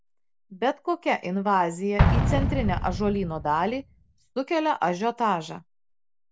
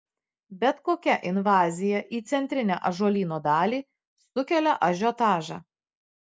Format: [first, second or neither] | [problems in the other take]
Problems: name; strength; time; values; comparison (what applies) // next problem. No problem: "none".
second | background sound (Explosion); 2 dB below the speech